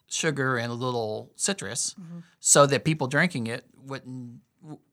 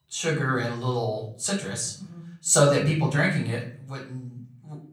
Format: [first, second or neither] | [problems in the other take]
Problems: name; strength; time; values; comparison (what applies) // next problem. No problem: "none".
first | off-mic speech; far // room echo; slight; dies away in 0.6 s